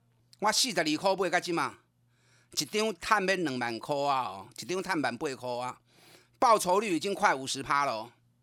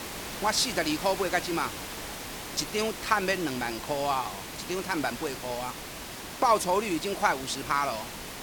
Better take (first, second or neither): first